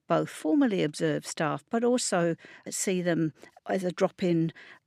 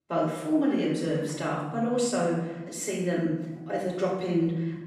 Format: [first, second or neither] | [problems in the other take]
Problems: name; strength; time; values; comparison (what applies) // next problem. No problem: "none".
first | off-mic speech; far // room echo; noticeable; dies away in 1.1 s